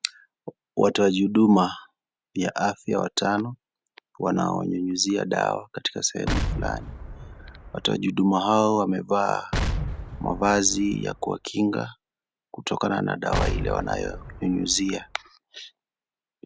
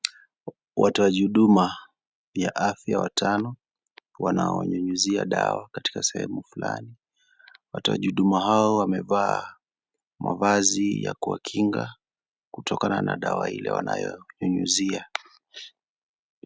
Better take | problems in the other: second | background sound (Explosion); 5 dB below the speech

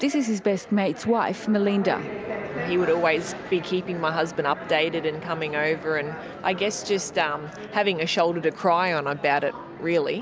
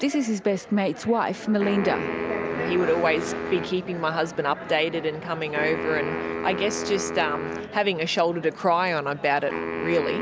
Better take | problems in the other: first | background sound (Wind instrument, woodwind instrument); 8 dB below the speech

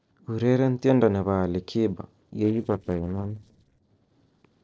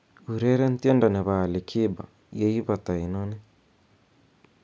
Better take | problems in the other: second | noise reduction (neural separator model SepFormer DNS4)

